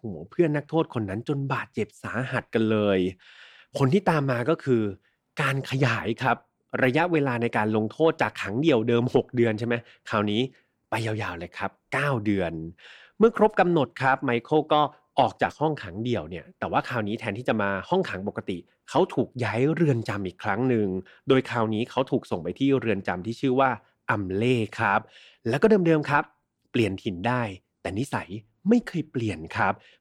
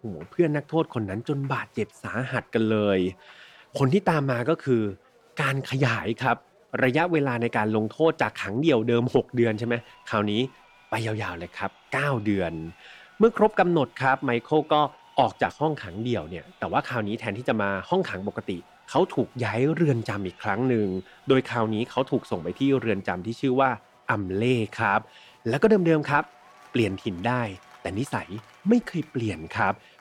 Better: first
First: none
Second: crowd noise; faint; throughout; 30 dB below the speech

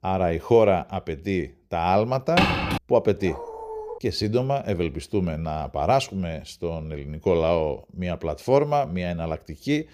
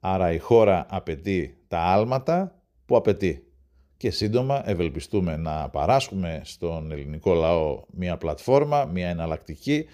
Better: second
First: footsteps; loud; at 2.5 s; peak 3 dB above the speech // dog barking; faint; at 3 s; peak 10 dB below the speech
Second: none

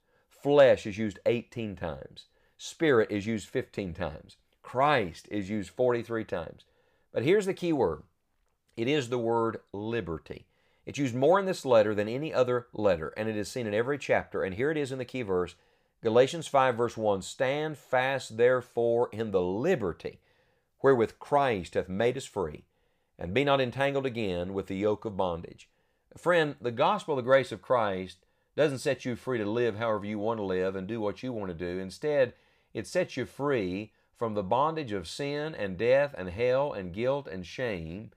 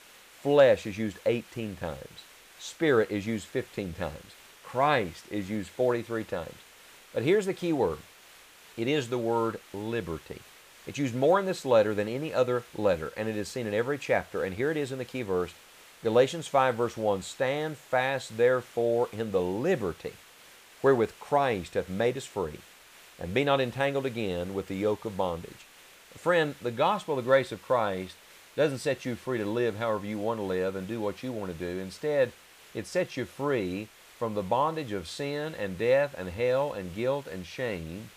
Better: first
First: none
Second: hiss; faint; throughout; 20 dB below the speech

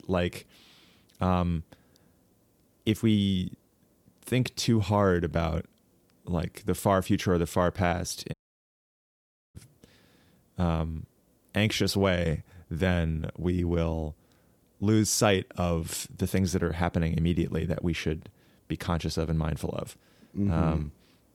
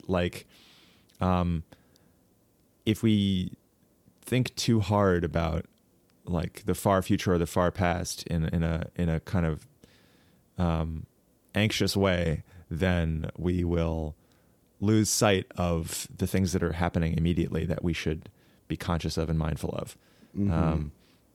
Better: second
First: audio cutting out; at 8.5 s for 1 s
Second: none

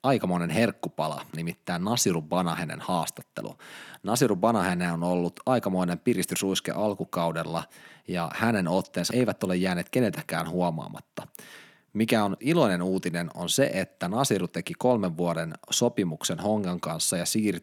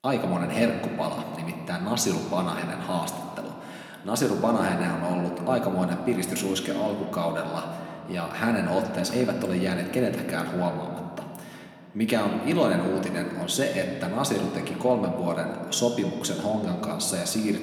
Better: first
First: none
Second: room echo; slight; dies away in 2.1 s

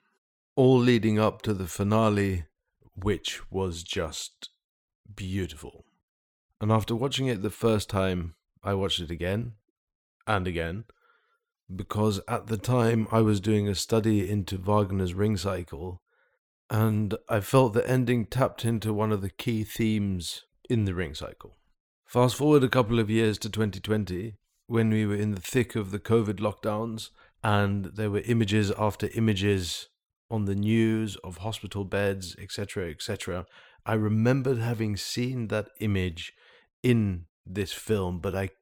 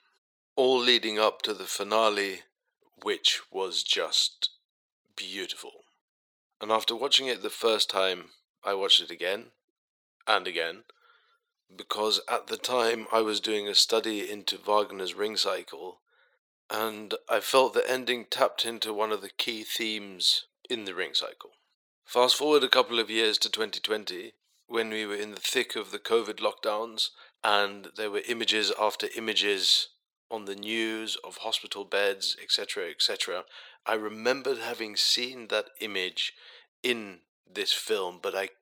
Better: first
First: none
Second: thin; very; fading below 450 Hz

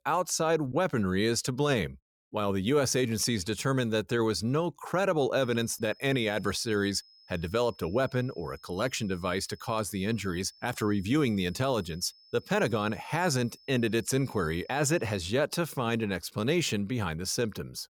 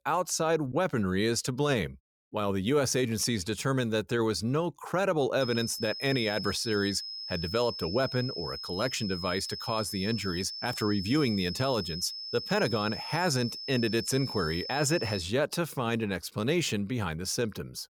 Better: first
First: high-pitched whine; faint; from 5.5 to 15 s; 5 kHz, 25 dB below the speech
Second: high-pitched whine; loud; from 5.5 to 15 s; 5 kHz, 7 dB below the speech

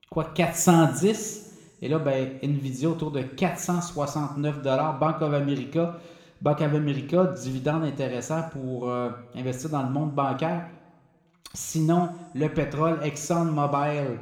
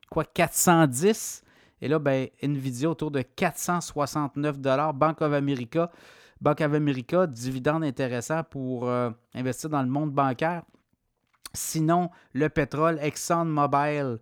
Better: second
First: room echo; slight; dies away in 1 s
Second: none

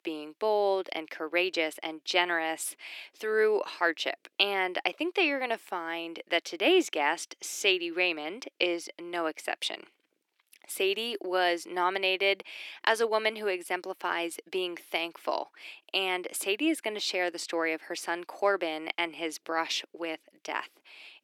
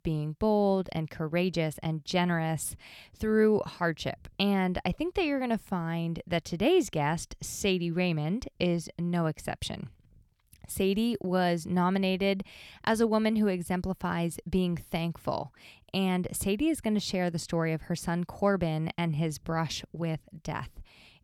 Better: second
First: thin; very; fading below 300 Hz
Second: none

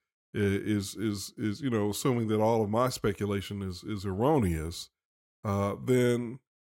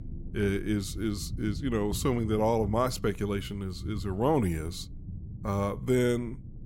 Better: first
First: none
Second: low rumble; faint; throughout; 20 dB below the speech

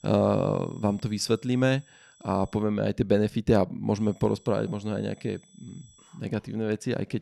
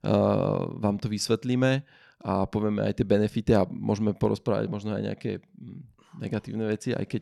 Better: second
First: high-pitched whine; faint; until 2.5 s and from 4 to 6 s; 7.5 kHz, 30 dB below the speech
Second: none

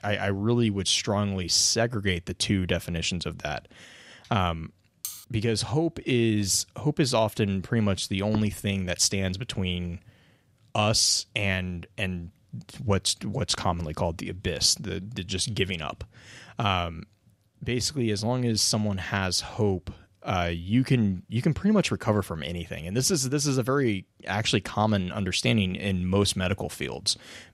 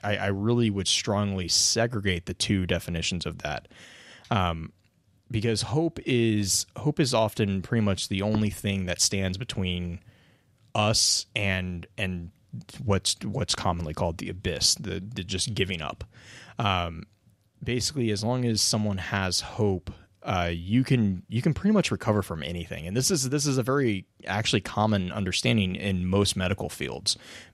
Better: second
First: clattering dishes; faint; at 5 s; peak 10 dB below the speech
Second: none

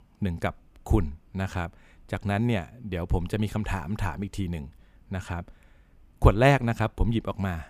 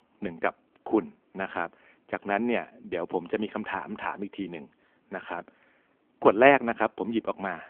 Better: first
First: none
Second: phone-call audio

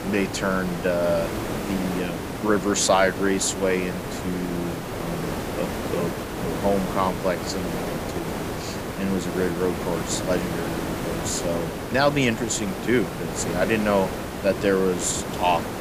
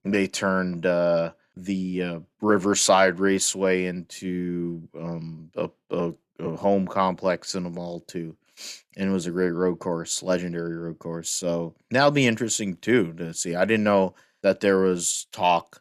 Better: second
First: hiss; loud; throughout; 5 dB below the speech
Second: none

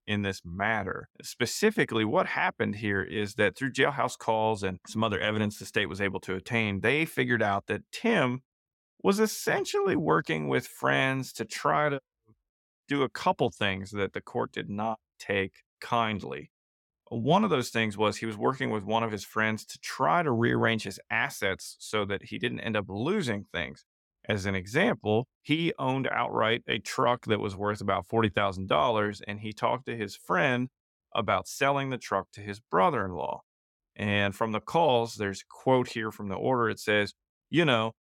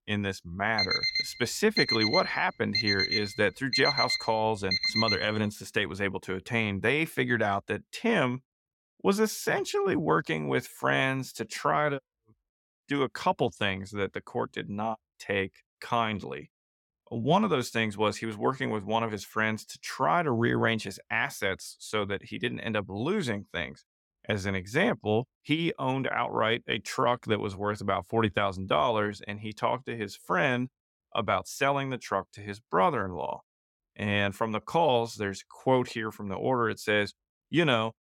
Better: first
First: none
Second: alarm; loud; from 1 to 5.5 s; peak 4 dB above the speech

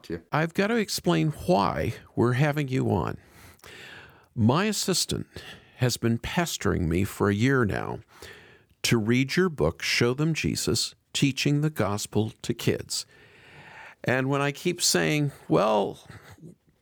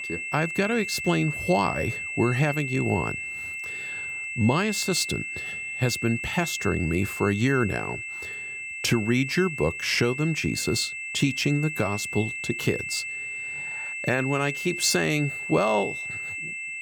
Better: first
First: none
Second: high-pitched whine; loud; throughout; 2.5 kHz, 5 dB below the speech

